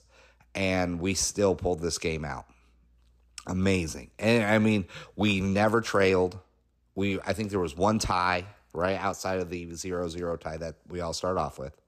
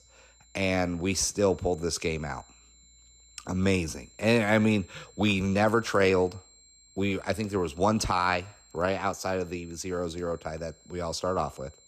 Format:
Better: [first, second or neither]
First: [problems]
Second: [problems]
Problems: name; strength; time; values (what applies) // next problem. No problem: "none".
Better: first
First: none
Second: high-pitched whine; faint; throughout; 7.5 kHz, 25 dB below the speech